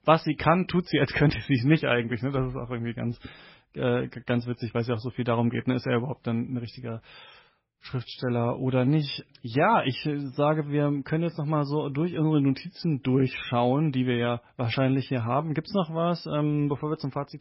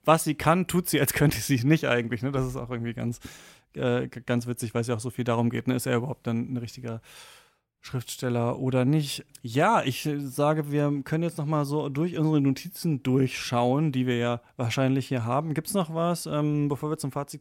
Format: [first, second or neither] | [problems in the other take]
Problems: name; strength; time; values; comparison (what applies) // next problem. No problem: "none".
second | garbled, watery; badly; nothing above 5.5 kHz